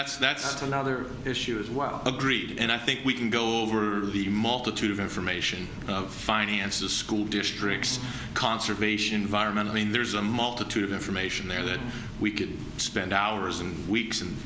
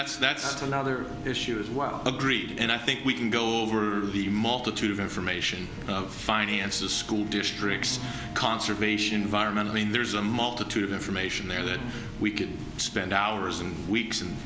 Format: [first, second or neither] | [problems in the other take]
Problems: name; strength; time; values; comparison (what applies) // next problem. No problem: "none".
first | background sound (Harp); 17 dB below the speech